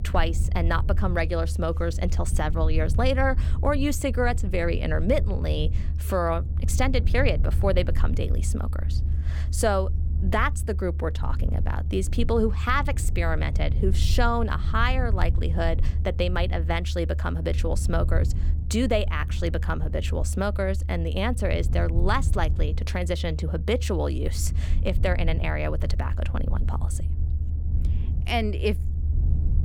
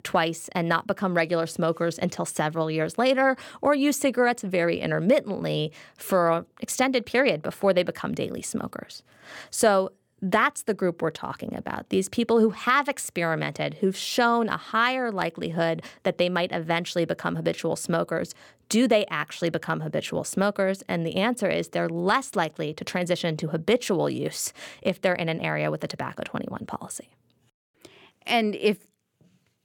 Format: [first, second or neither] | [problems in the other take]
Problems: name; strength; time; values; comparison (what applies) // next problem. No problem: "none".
second | low rumble; noticeable; throughout; 15 dB below the speech